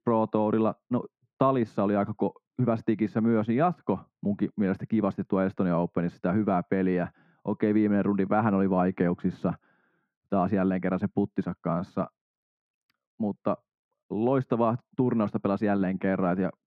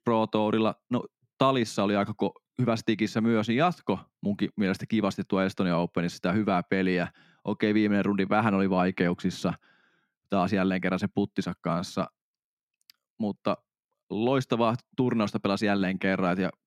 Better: second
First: muffled; very; fading above 2.5 kHz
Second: none

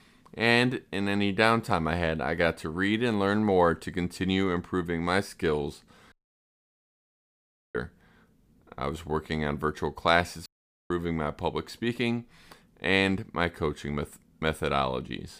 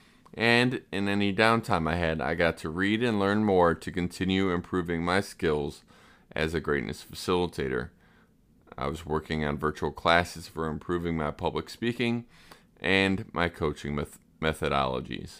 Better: second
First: audio cutting out; at 6 s for 1.5 s and at 10 s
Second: none

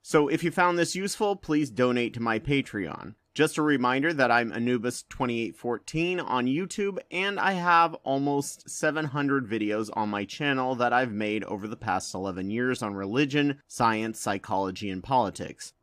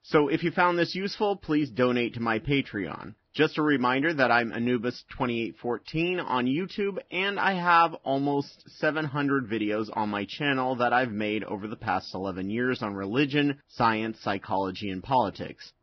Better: first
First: none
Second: garbled, watery; badly; nothing above 5.5 kHz

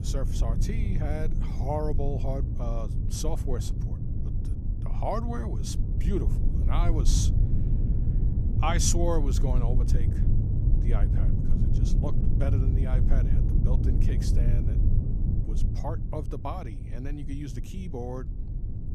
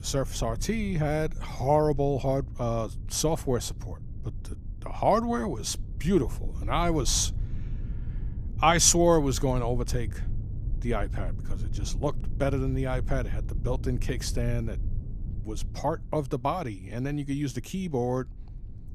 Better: second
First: low rumble; loud; throughout; 6 dB below the speech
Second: low rumble; faint; throughout; 25 dB below the speech

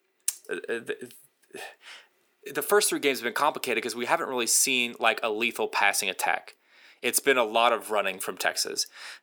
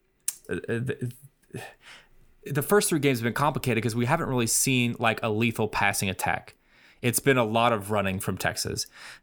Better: second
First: thin; somewhat; fading below 350 Hz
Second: none

